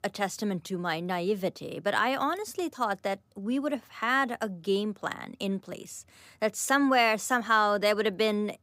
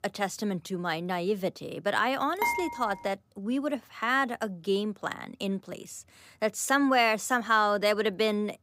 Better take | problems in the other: first | clattering dishes; noticeable; at 2.5 s; peak 1 dB below the speech

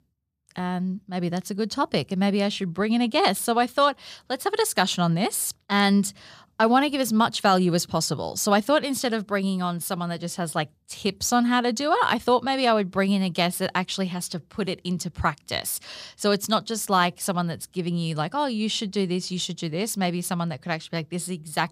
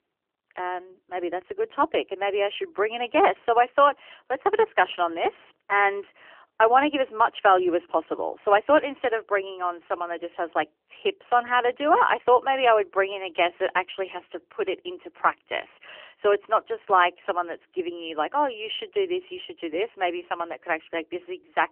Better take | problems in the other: first | phone-call audio; nothing above 3 kHz

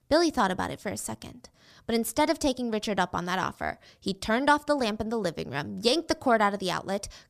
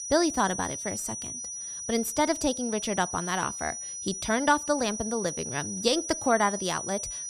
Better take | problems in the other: first | high-pitched whine; loud; throughout; 6 kHz, 5 dB below the speech

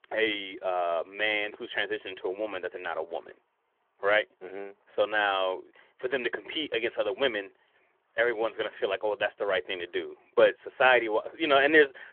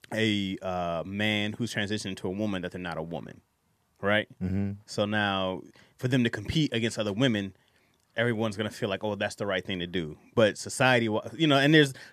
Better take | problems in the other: second | phone-call audio; nothing above 3.5 kHz

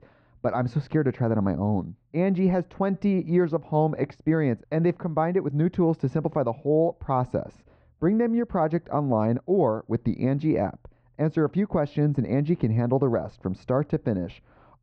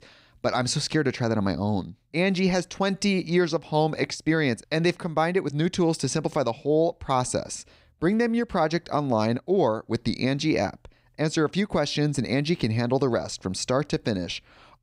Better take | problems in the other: second | muffled; very; fading above 1 kHz

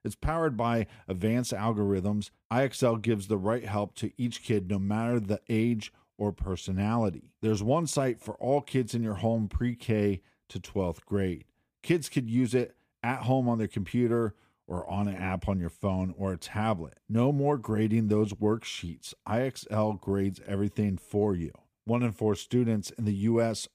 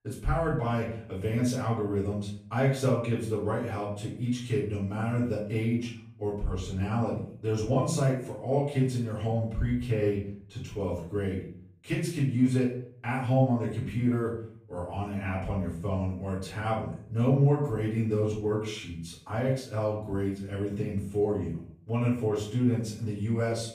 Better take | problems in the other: first | off-mic speech; far // room echo; noticeable; dies away in 0.5 s

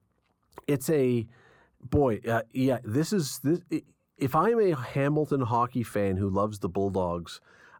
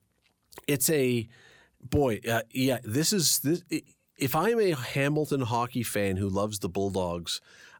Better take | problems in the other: second | muffled; slightly; fading above 2 kHz

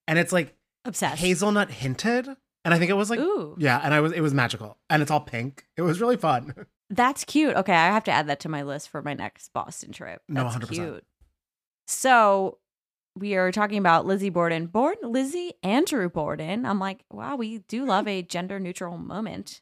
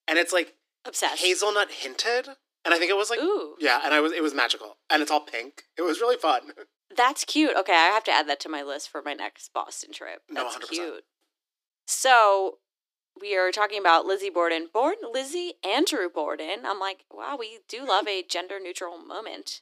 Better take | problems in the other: first | thin; very; fading below 300 Hz

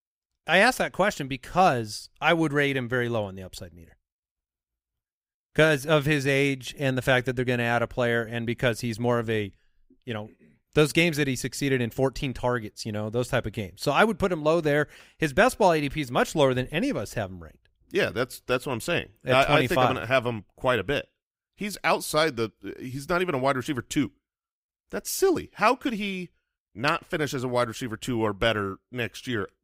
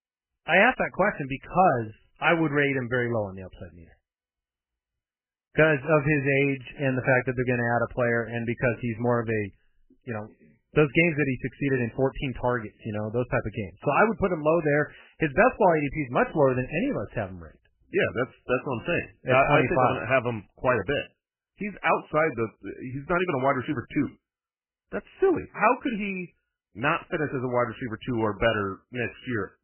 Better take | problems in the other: first | garbled, watery; badly; nothing above 3 kHz

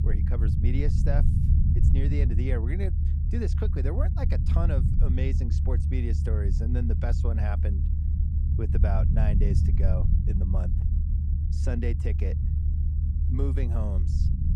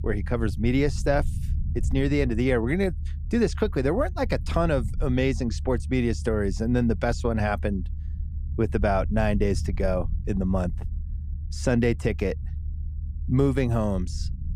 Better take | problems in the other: second | low rumble; loud; throughout; 3 dB below the speech; faint in the second

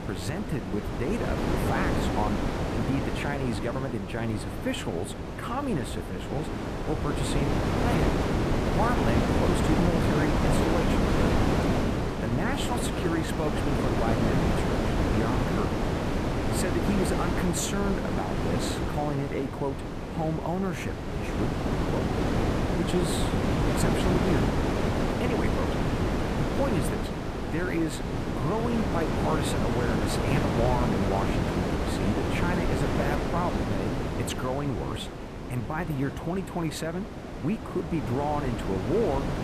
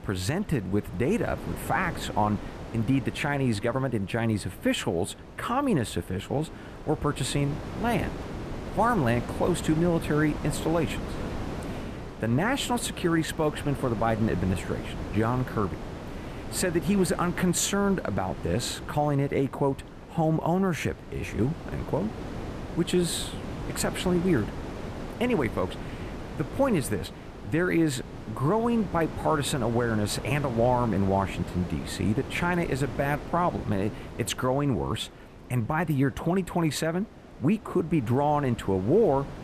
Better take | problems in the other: second | wind noise on the microphone; heavy; 2 dB above the speech; occasional gusts in the second

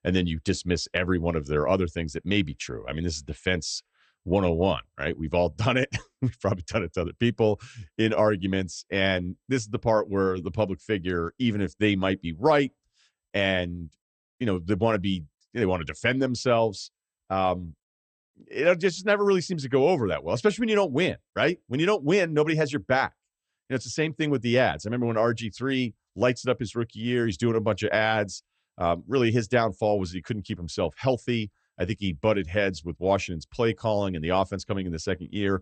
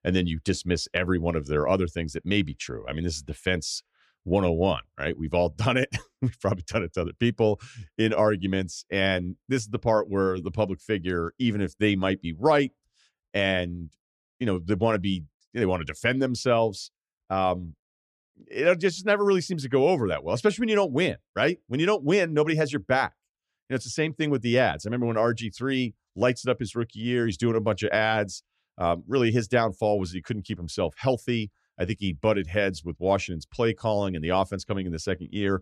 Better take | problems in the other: second | garbled, watery; slightly; nothing above 8.5 kHz

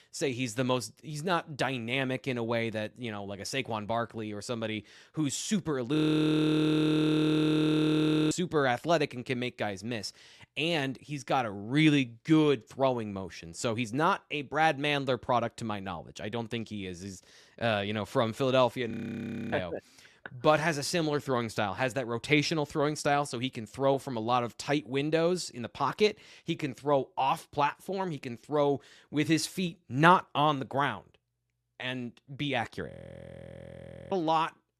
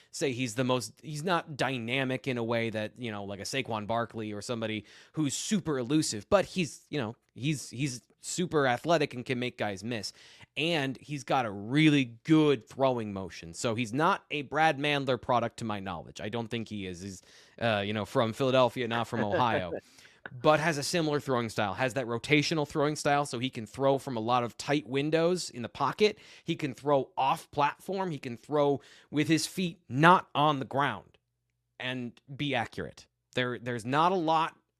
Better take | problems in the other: second | audio freezing; at 6 s for 2.5 s, at 19 s for 0.5 s and at 33 s for 1 s

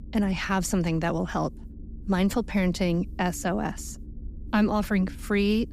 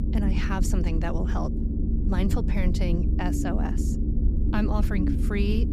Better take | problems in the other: first | low rumble; loud; throughout; 3 dB below the speech; faint in the first

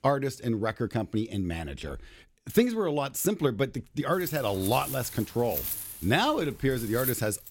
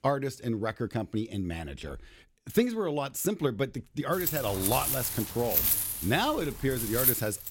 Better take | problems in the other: first | wind noise on the microphone; heavy; from 4 s on; 3 dB below the speech; occasional gusts in the first

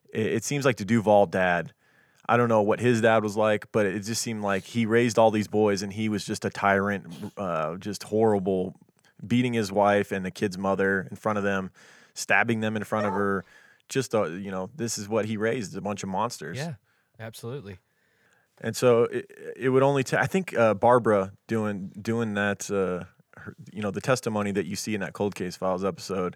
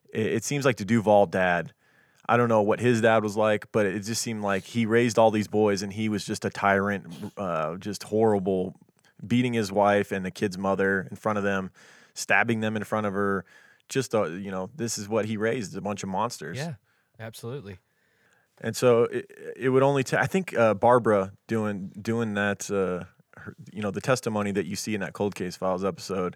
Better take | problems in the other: second | dog barking; noticeable; at 13 s; peak 8 dB below the speech

